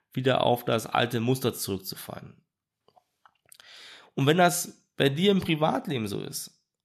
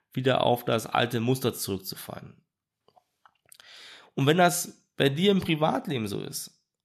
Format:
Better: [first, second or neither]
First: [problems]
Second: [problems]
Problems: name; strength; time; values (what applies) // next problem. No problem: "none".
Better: neither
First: none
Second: none